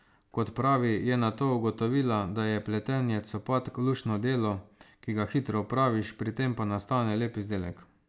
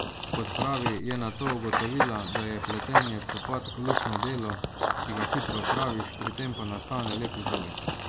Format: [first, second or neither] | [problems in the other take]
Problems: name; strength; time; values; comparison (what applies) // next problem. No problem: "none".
first | background sound (Run / Bird vocalization, bird call, bird song); 2 dB above the speech